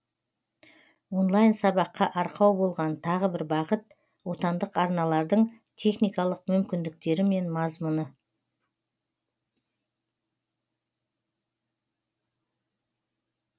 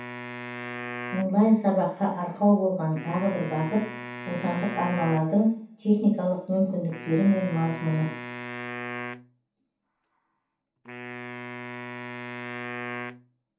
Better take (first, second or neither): first